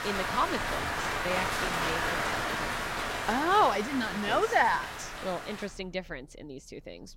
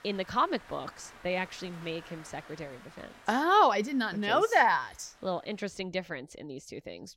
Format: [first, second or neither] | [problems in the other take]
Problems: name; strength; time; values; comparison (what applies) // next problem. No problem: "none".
second | rain or running water; loud; throughout; 2 dB below the speech; faint in the second